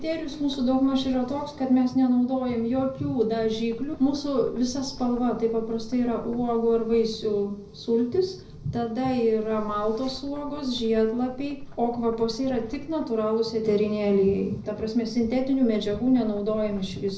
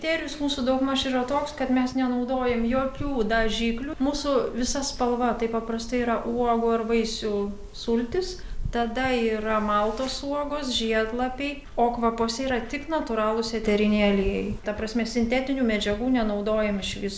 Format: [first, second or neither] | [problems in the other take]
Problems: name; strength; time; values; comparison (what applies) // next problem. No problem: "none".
second | background sound (Knock); 18 dB below the speech // room echo; dies away in 0.4 s